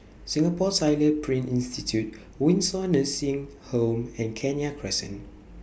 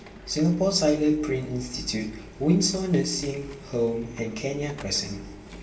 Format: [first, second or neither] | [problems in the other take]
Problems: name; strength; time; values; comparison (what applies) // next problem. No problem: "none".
first | background sound (Printer); 20 dB below the speech // room echo; dies away in 0.8 s